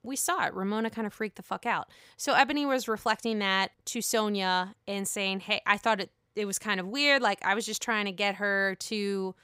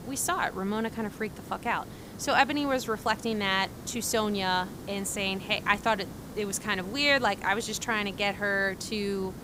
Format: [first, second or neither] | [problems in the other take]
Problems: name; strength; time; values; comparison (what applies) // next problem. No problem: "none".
first | hiss; noticeable; throughout; 15 dB below the speech